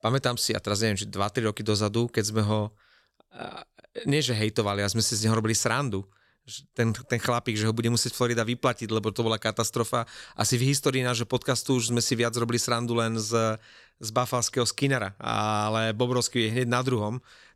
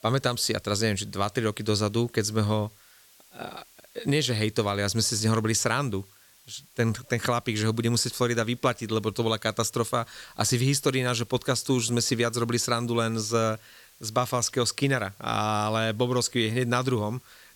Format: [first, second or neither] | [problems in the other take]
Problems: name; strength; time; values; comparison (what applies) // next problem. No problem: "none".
first | hiss; faint; throughout; 30 dB below the speech